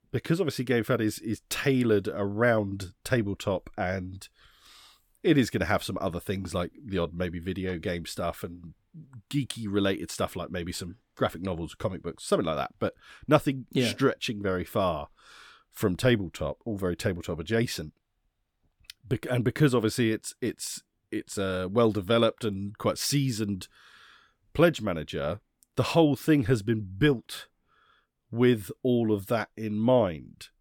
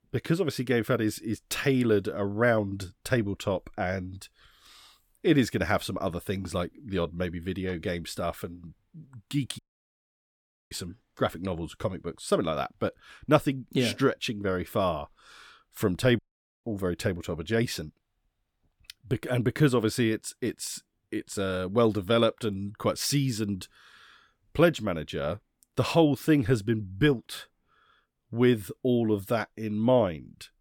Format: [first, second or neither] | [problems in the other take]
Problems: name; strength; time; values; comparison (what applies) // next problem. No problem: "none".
first | audio cutting out; at 9.5 s for 1 s and at 16 s